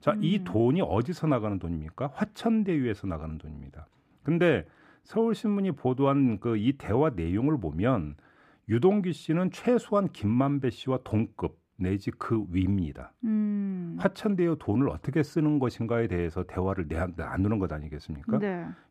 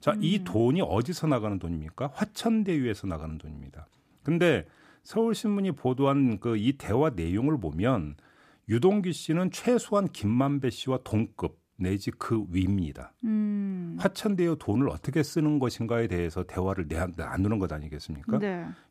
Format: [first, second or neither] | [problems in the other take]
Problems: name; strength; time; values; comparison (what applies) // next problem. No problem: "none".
second | muffled; slightly; fading above 3.5 kHz